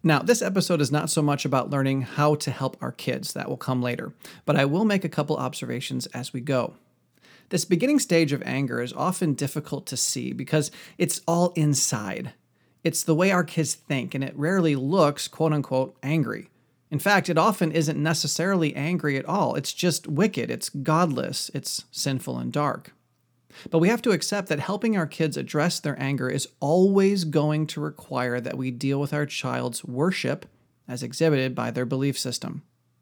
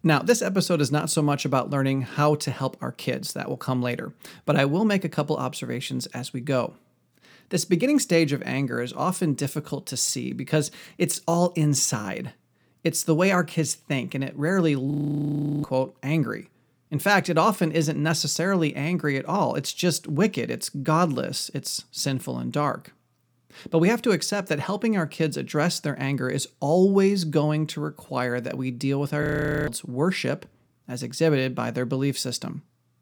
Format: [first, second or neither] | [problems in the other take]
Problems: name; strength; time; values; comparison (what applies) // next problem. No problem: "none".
first | audio freezing; at 15 s for 0.5 s and at 29 s